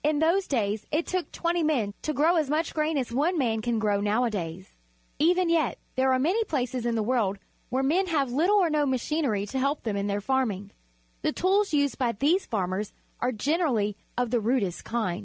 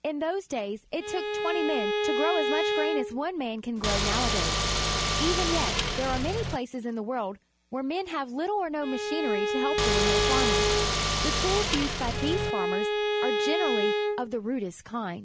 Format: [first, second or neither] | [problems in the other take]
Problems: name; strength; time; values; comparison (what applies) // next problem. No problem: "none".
first | background sound (Bowed string instrument + Car); 4 dB above the speech